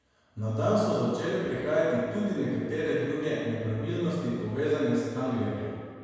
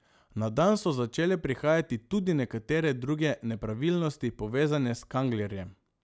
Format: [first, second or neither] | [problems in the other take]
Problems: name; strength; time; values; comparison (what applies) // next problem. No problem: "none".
second | room echo; dies away in 1.9 s